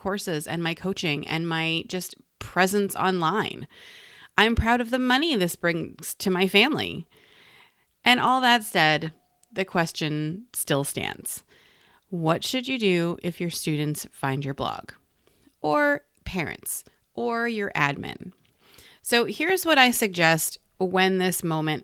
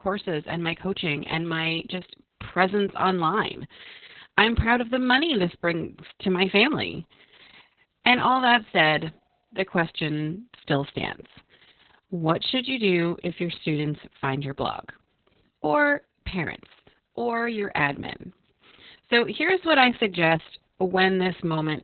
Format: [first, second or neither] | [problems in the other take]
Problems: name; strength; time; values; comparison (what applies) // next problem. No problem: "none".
first | garbled, watery; badly; nothing above 4 kHz; slightly in the first